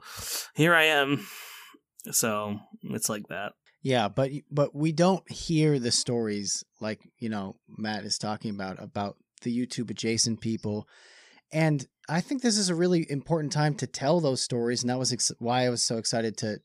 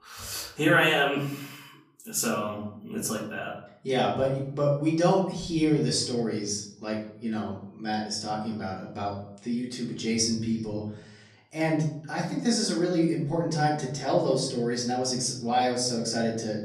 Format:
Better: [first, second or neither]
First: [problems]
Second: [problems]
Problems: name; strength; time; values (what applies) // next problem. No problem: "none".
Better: first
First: none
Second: room echo; slight; dies away in 0.6 s // off-mic speech; far